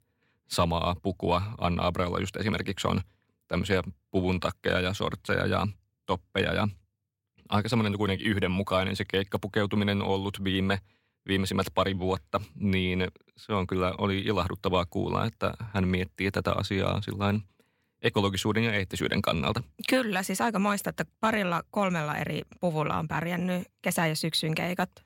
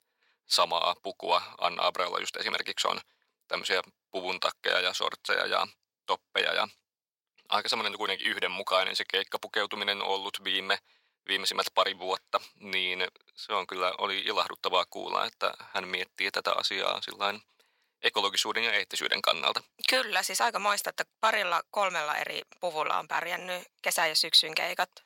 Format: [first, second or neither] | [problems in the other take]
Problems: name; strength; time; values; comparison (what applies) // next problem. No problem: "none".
first | thin; very; fading below 750 Hz